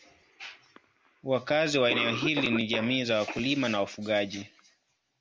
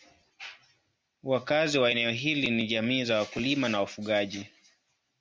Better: second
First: background sound (Cough); 11 dB below the speech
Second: none

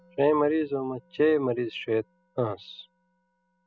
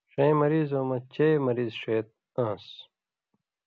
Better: second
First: noise reduction (classical method spectral subtraction)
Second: none

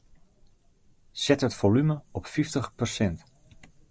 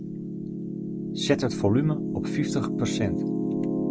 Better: first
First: none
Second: background sound (Piano); 1 dB above the speech

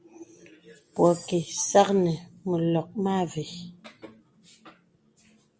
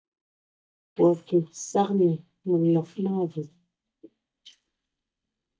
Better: first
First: none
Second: noise reduction (neural mask model DeepFilterNet 3)

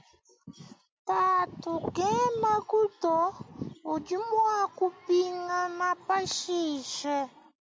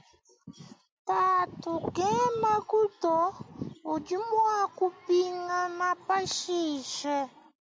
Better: first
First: none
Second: background sound (Wind instrument, woodwind instrument); 20 dB below the speech

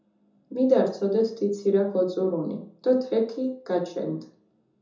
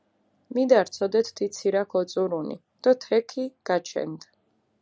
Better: second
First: room echo; dies away in 0.6 s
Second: none

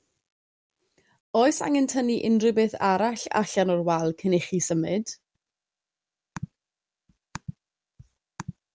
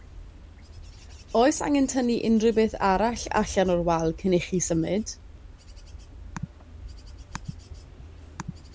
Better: first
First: none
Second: background sound (Wind / Bird / Insect); 15 dB below the speech

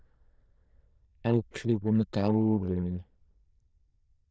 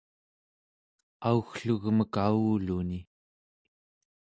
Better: second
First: noise reduction (neural diffusion model UNIVERSE++)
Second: none

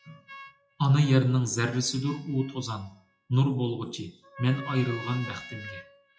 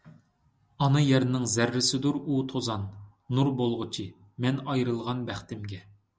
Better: second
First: noise reduction (classical method WPE with log-MMSE)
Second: none

